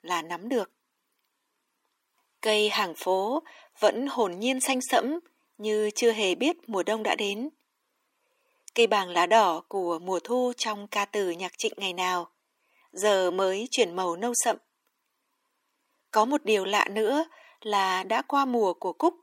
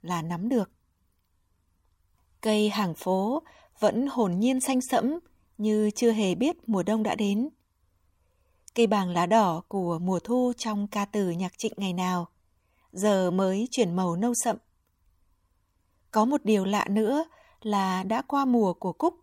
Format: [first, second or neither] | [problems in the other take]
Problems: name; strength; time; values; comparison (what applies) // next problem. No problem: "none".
second | thin; somewhat; fading below 300 Hz